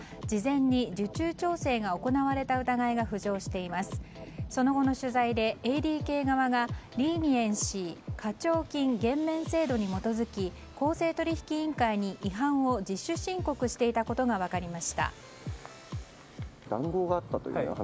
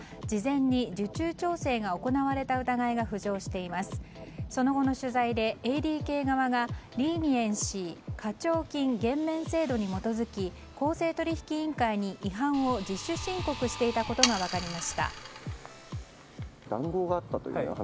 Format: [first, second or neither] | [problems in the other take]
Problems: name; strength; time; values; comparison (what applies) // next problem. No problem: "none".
first | background sound (Sawing); 6 dB below the speech